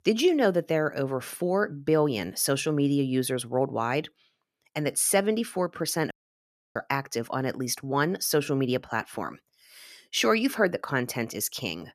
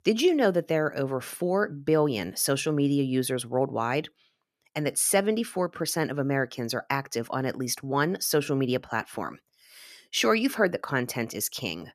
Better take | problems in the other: second | audio cutting out; at 6 s for 0.5 s

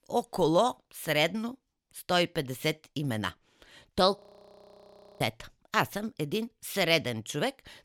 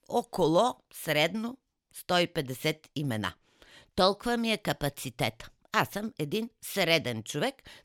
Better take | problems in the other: second | audio freezing; at 4 s for 1 s

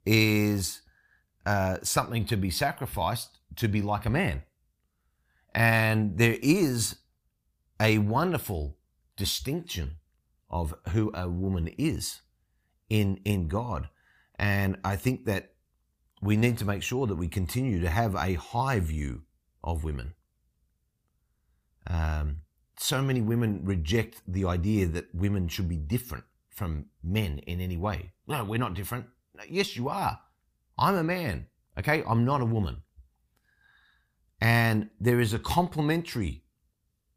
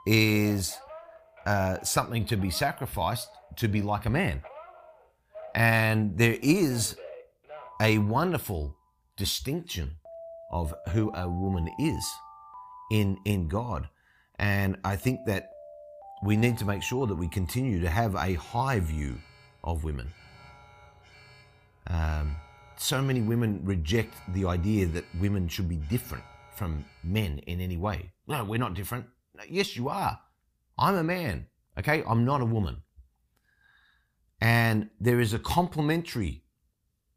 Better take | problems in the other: first | alarms or sirens; noticeable; until 27 s; 20 dB below the speech

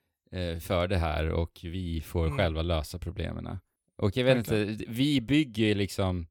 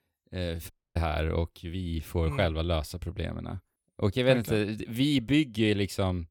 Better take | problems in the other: first | audio cutting out; at 0.5 s

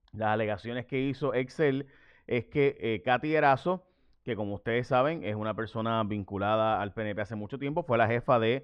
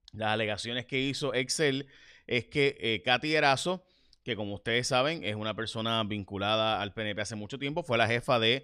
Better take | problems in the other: second | muffled; very; fading above 3.5 kHz

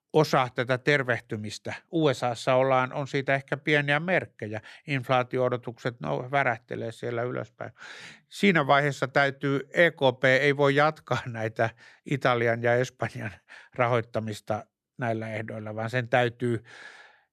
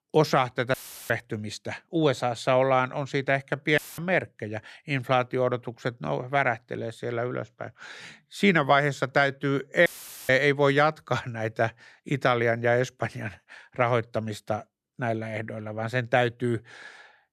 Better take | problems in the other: first | audio cutting out; filled with static; at 0.5 s, at 4 s and at 10 s

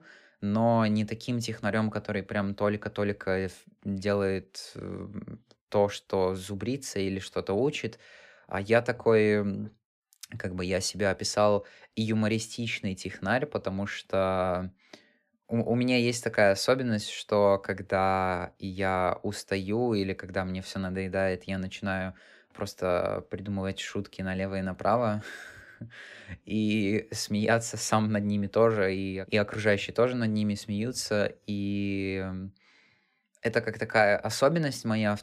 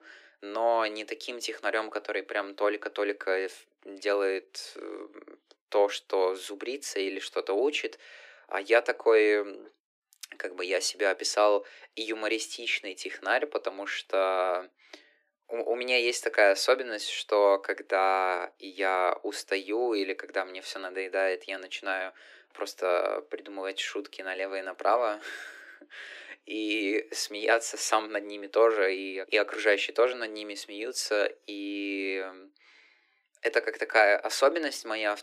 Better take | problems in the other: first | thin; very; fading below 300 Hz

